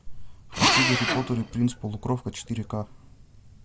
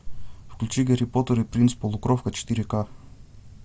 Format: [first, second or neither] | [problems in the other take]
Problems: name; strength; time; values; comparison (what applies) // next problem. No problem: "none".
second | background sound (Drill); 2 dB above the speech